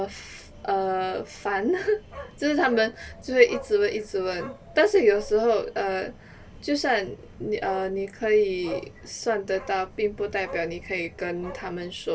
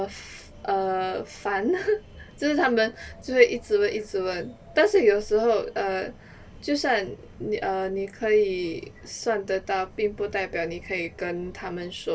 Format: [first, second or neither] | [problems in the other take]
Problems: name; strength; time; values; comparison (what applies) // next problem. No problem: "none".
second | background sound (Bark); 19 dB below the speech